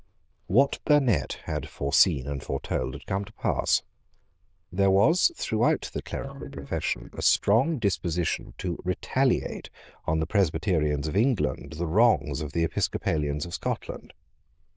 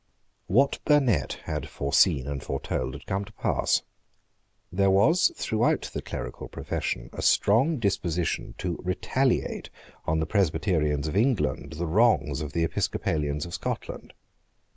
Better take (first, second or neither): second